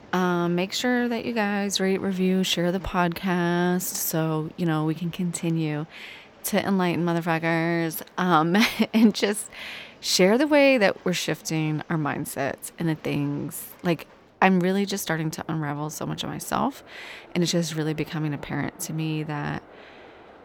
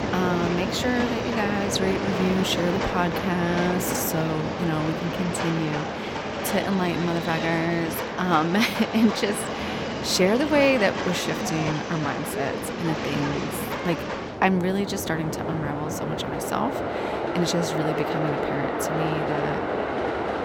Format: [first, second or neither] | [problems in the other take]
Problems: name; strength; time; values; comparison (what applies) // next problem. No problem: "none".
first | train or aircraft noise; loud; throughout; 2 dB below the speech; faint in the first